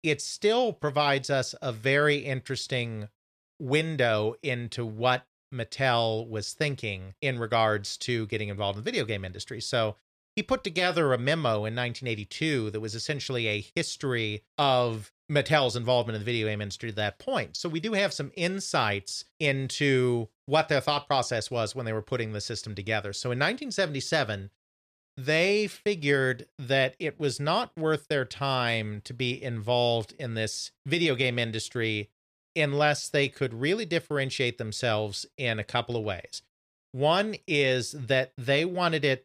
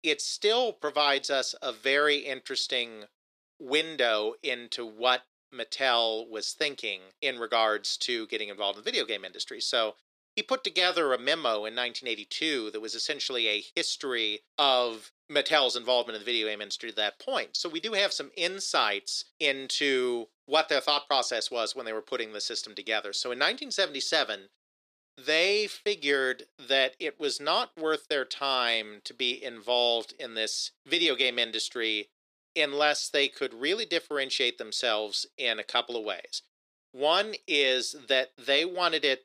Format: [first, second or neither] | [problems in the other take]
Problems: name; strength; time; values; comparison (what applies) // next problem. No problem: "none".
first | thin; somewhat; fading below 300 Hz